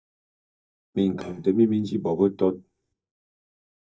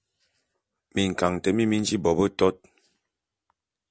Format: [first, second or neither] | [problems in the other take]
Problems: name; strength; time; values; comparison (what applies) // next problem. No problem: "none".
second | noise reduction (neural mask model DeepFilterNet 3)